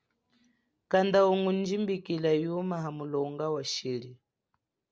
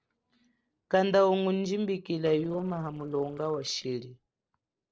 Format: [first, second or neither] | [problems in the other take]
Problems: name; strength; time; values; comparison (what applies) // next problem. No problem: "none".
first | noise reduction (neural separator model SepFormer DNS4)